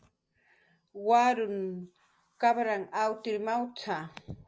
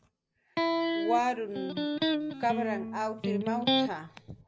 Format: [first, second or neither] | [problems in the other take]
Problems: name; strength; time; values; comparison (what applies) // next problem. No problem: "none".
first | background sound (Electric guitar); 3 dB above the speech